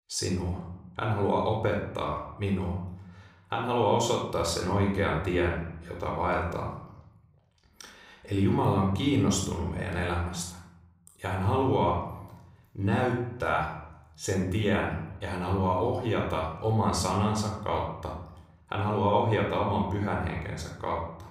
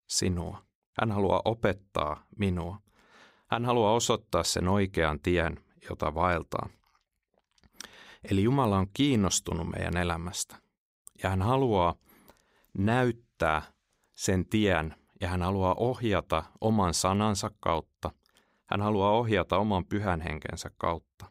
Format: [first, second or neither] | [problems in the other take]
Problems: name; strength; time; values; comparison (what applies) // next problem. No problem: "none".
second | off-mic speech; somewhat distant // room echo; noticeable; dies away in 0.8 s